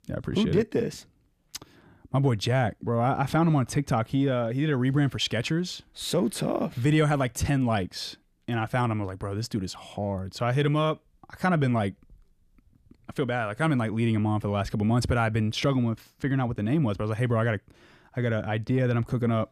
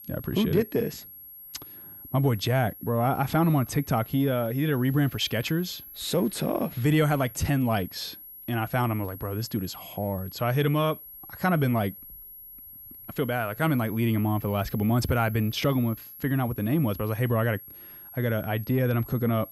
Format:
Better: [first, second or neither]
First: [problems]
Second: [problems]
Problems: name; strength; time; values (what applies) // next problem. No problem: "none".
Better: first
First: none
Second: high-pitched whine; noticeable; throughout; 11.5 kHz, 15 dB below the speech